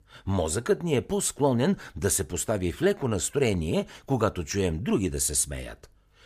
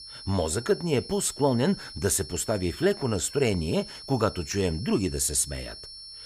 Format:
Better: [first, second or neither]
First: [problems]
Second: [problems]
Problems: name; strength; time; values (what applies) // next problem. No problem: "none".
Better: first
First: none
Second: high-pitched whine; noticeable; throughout; 5.5 kHz, 15 dB below the speech